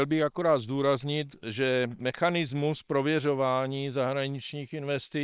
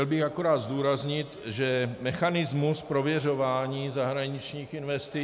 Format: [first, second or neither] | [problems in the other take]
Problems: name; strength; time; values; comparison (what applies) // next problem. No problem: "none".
second | noise reduction (neural separator model SepFormer WHAM!)